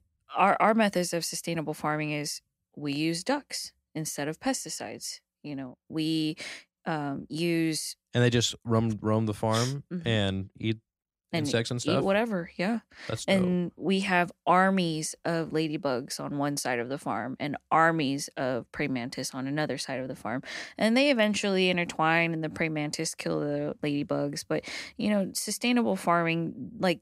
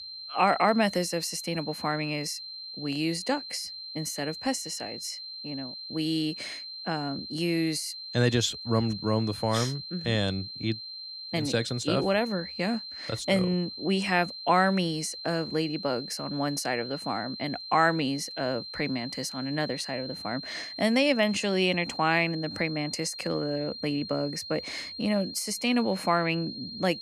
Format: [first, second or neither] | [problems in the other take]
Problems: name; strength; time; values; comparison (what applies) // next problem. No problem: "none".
first | high-pitched whine; loud; throughout; 4 kHz, 9 dB below the speech